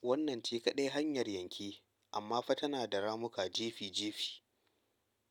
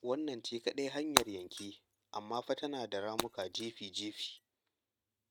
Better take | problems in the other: first | noise reduction (neural mask model RNNoise)

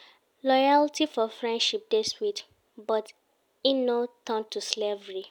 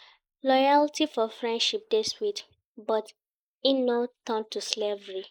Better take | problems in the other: first | noise reduction (neural mask model Resemble Enhance denoiser)

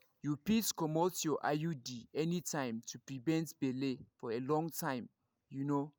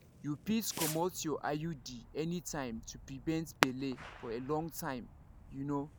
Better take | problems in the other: first | background sound (Fireworks); 5 dB below the speech

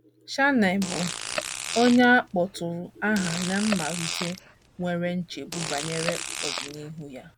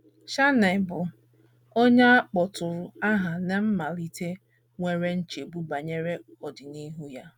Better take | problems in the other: second | background sound (Fart); 8 dB below the speech

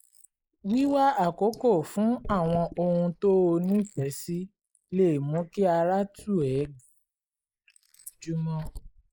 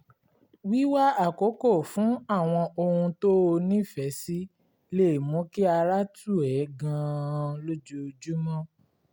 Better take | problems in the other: second | noise reduction (neural mask model Resemble Enhance denoiser)

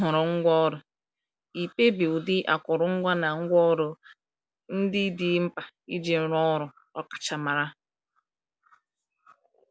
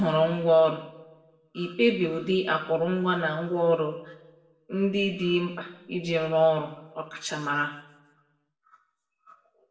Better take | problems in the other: first | room echo; dies away in 0.8 s

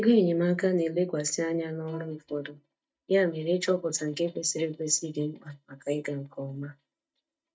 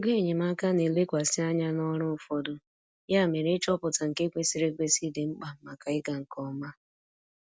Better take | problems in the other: second | noise reduction (neural mask model DeepFilterNet 3)

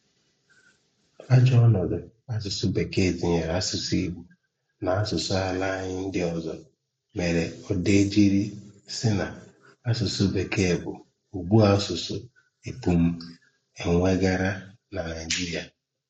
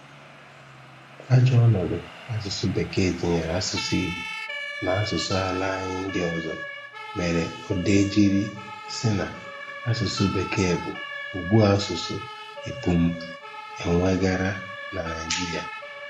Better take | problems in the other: first | background sound (Siren); 11 dB below the speech

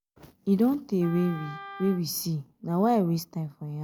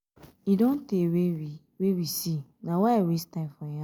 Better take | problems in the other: second | background sound (Wind instrument, woodwind instrument); 17 dB below the speech

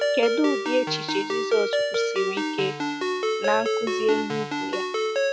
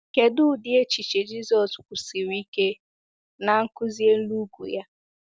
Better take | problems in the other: second | background sound (Ringtone); 2 dB above the speech

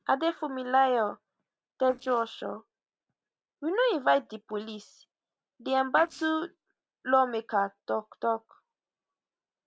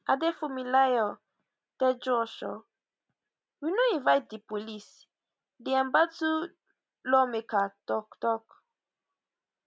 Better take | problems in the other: second | noise reduction (neural separator model SepFormer DNS4)

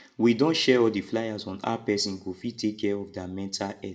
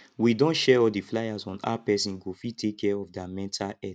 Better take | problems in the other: second | room echo; dies away in 0.5 s

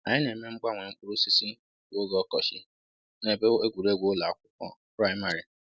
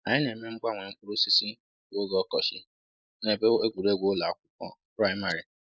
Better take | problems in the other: first | noise reduction (neural mask model Resemble Enhance denoiser)

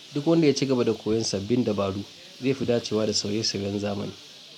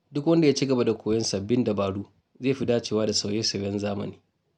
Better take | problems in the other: second | background sound (Bird); 20 dB below the speech

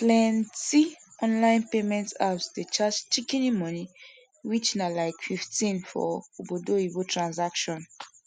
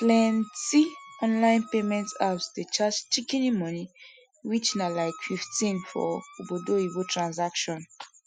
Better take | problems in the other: first | noise reduction (classical method Wiener filter)

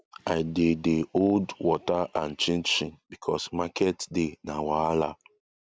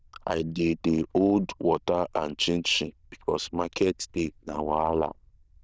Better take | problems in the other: first | noise reduction (neural diffusion model UNIVERSE++)

